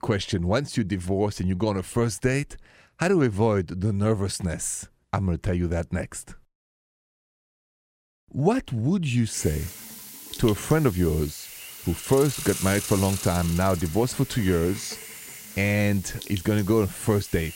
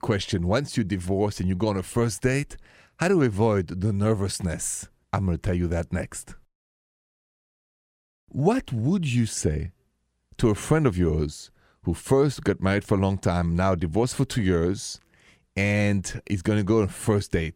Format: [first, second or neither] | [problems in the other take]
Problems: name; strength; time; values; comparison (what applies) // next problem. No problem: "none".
second | hiss; noticeable; from 9.5 s on; 10 dB below the speech